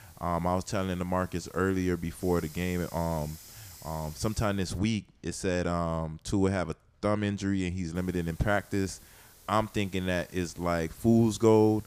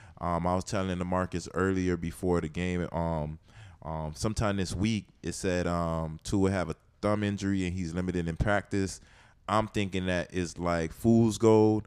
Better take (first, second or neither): second